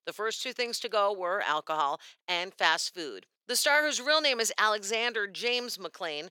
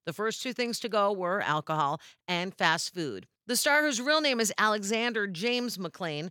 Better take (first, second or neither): second